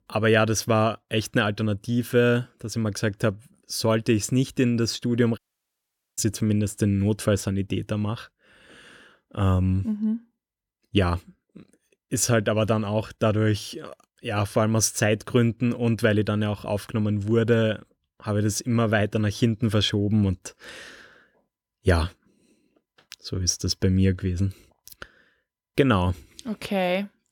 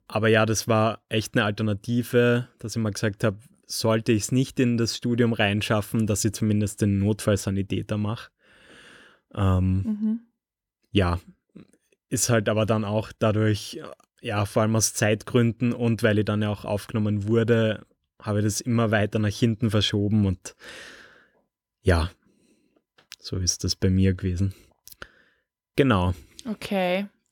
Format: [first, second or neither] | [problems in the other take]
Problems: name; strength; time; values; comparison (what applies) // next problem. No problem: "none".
second | audio cutting out; at 5.5 s for 1 s